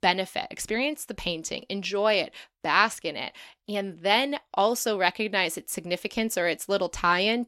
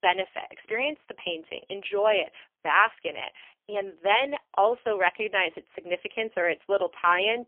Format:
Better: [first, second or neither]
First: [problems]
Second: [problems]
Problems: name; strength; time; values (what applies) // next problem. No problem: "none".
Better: first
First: none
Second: phone-call audio; poor line; nothing above 3 kHz